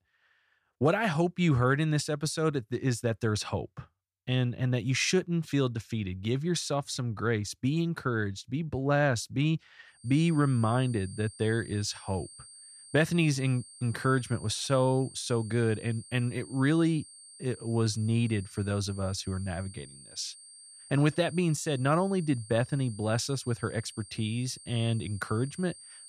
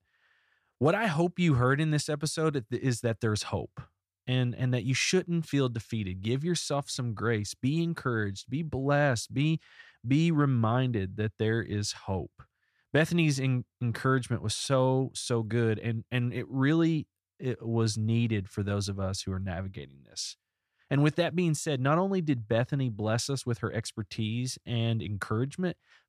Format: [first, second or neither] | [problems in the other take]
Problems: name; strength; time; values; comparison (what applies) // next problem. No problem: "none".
second | high-pitched whine; noticeable; from 10 s on; 9 kHz, 20 dB below the speech